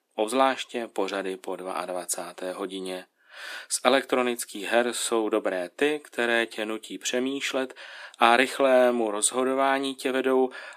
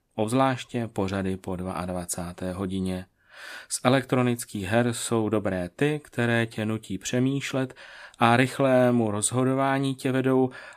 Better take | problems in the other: second | thin; somewhat; fading below 300 Hz

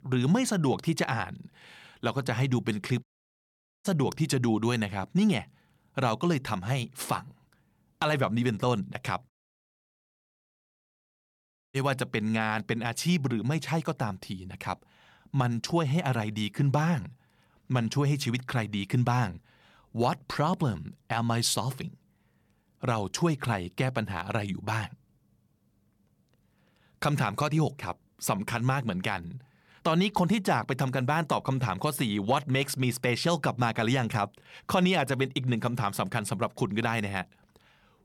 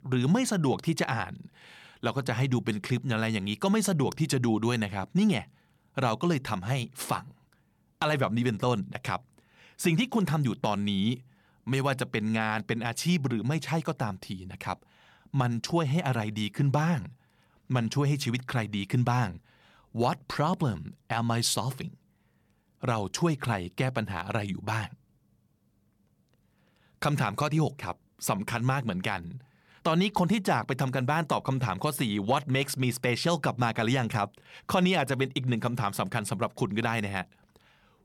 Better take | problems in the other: second | audio cutting out; at 3 s for 1 s and at 9.5 s for 2.5 s

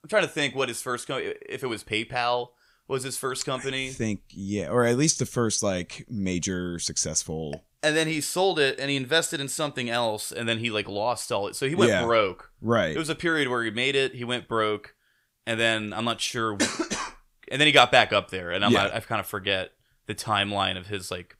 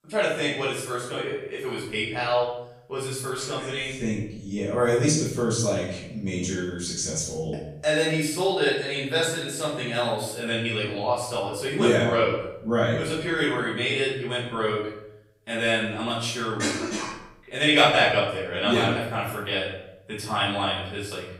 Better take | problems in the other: first | off-mic speech; far // room echo; noticeable; dies away in 0.7 s

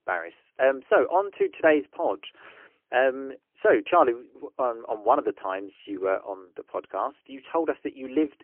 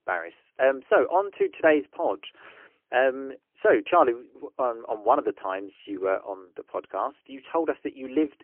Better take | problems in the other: neither | phone-call audio; poor line; nothing above 3 kHz; the same in both

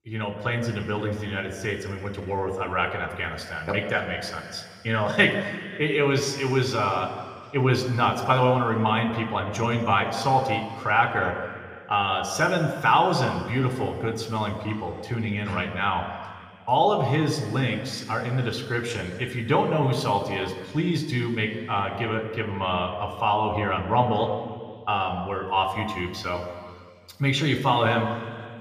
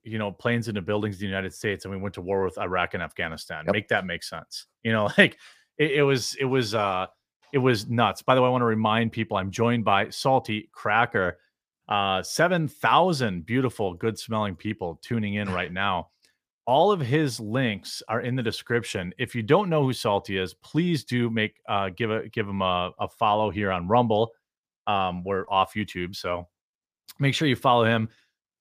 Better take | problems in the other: second | room echo; slight; dies away in 2.1 s

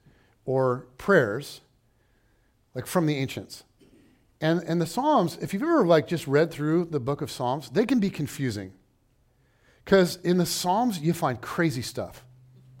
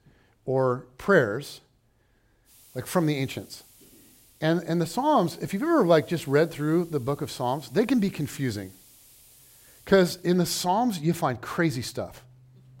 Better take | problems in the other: first | hiss; faint; from 2.5 to 10 s; 25 dB below the speech

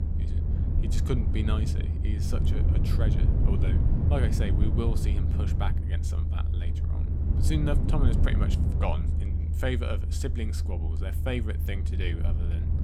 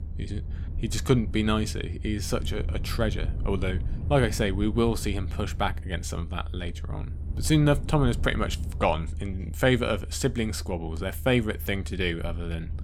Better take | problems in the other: second | low rumble; loud; throughout; 4 dB below the speech; faint in the second

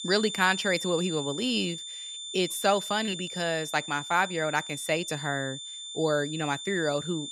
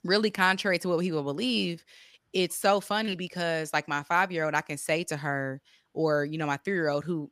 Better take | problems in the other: second | high-pitched whine; loud; throughout; 3.5 kHz, 7 dB below the speech

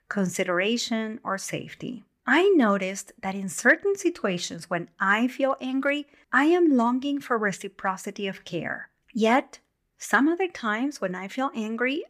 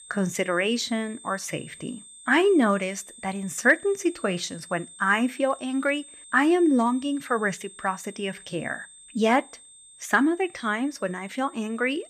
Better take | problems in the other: first | high-pitched whine; noticeable; throughout; 8.5 kHz, 20 dB below the speech

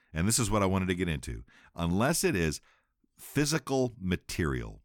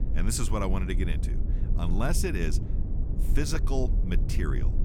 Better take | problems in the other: first | low rumble; noticeable; throughout; 10 dB below the speech

